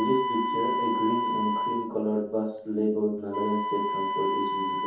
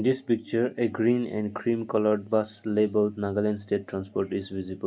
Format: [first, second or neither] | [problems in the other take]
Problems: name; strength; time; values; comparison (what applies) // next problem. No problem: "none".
second | background sound (Wind instrument, woodwind instrument); 1 dB below the speech // room echo; dies away in 0.6 s